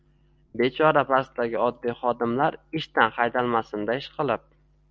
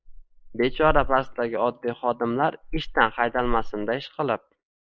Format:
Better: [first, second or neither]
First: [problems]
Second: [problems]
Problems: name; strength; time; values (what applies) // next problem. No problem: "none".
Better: first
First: none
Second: noise reduction (neural mask model Resemble Enhance denoiser)